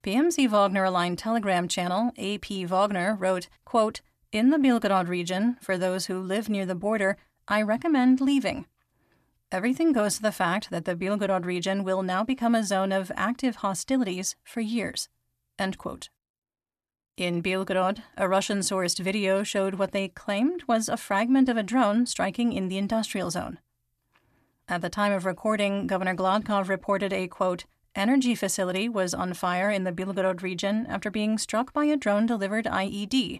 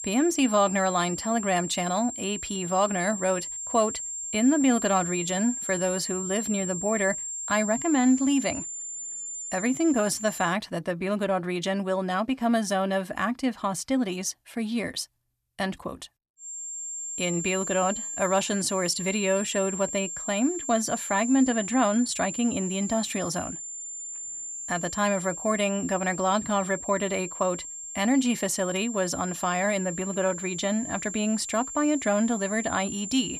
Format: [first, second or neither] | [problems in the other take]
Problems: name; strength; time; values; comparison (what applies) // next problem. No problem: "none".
first | high-pitched whine; loud; until 11 s and from 16 s on; 7.5 kHz, 6 dB below the speech